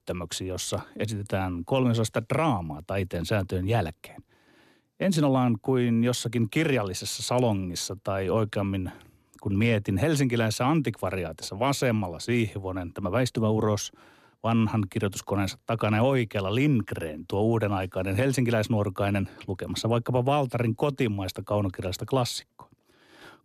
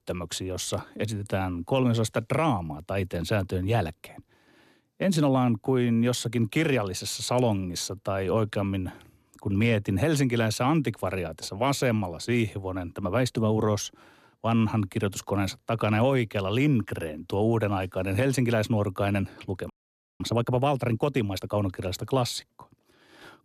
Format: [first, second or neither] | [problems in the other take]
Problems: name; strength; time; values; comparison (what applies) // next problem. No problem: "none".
first | audio freezing; at 20 s for 0.5 s